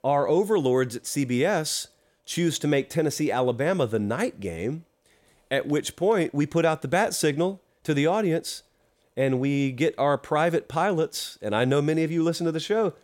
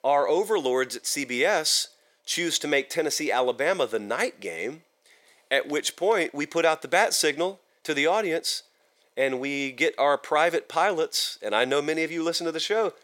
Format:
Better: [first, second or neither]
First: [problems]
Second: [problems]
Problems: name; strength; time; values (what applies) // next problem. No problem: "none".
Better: first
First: none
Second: thin; somewhat; fading below 450 Hz